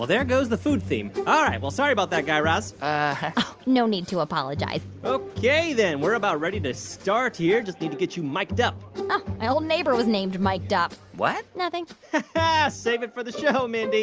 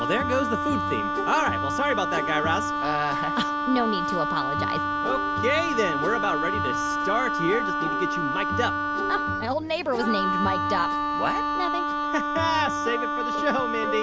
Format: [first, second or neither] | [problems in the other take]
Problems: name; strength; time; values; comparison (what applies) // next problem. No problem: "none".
first | background sound (Wind instrument, woodwind instrument); 1 dB above the speech